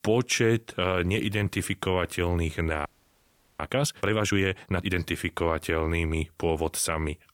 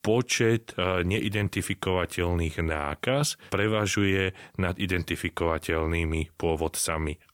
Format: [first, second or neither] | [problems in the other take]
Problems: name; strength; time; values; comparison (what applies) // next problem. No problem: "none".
second | audio freezing; at 3 s for 0.5 s